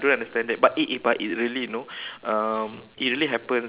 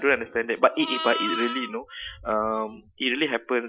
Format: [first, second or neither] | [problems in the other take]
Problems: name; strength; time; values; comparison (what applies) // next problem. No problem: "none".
first | noise reduction (classical method Wiener filter)